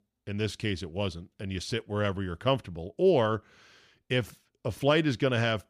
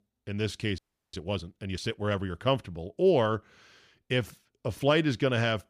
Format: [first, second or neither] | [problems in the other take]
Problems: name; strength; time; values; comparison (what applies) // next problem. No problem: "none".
first | audio freezing; at 1 s